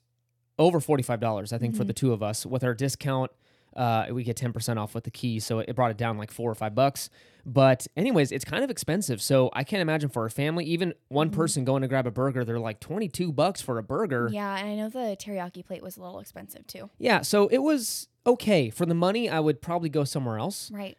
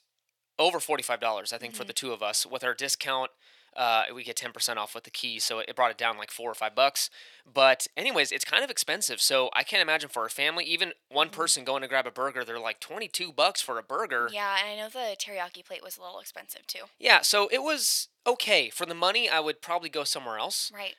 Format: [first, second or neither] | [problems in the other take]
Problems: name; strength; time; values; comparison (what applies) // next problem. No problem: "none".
first | thin; very; fading below 800 Hz